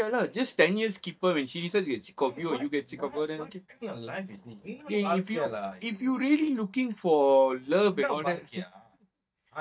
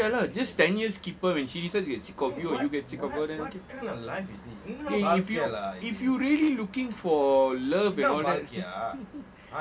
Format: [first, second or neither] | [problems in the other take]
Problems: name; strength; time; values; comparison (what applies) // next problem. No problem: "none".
second | noise reduction (neural mask model DeepFilterNet 3)